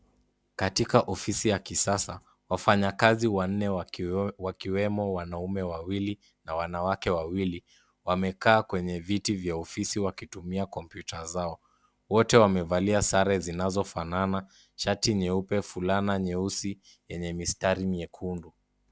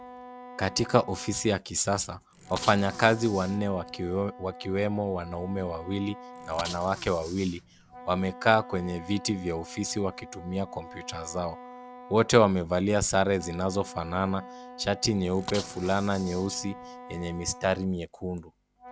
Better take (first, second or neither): first